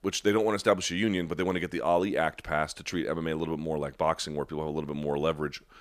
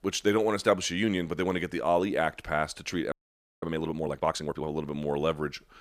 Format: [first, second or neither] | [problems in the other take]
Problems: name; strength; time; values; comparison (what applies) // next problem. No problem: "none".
first | audio freezing; at 3 s for 0.5 s